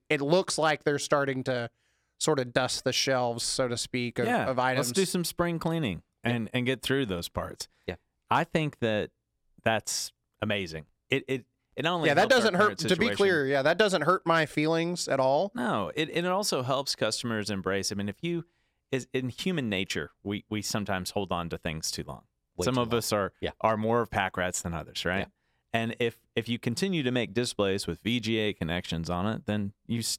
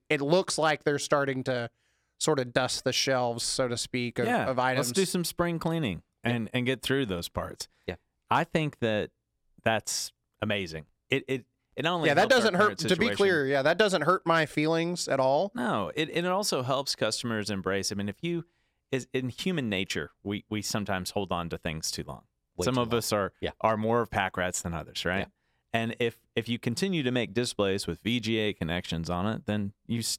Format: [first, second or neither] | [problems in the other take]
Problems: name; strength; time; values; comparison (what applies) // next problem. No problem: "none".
neither | none